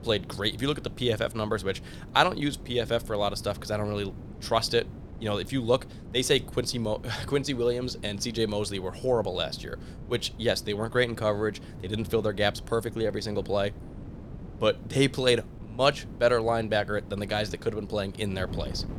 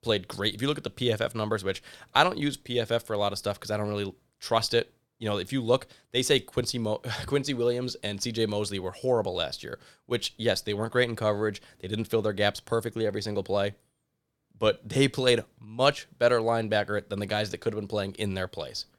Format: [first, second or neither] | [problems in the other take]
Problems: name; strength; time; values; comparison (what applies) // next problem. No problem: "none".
second | wind noise on the microphone; occasional gusts; 20 dB below the speech